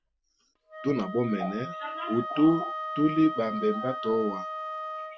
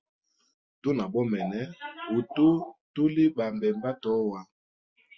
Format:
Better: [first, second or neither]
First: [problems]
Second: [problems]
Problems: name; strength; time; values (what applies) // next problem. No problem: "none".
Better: second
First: background sound (Wind instrument, woodwind instrument); 8 dB below the speech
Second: none